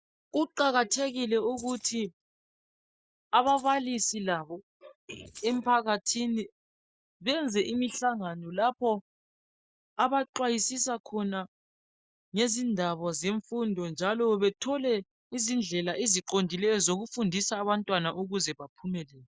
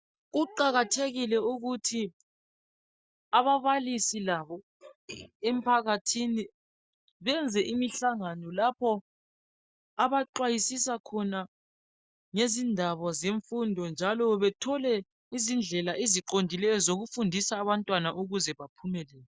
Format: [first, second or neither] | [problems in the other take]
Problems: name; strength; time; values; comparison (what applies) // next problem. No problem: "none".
second | noise reduction (neural mask model Resemble Enhance denoiser)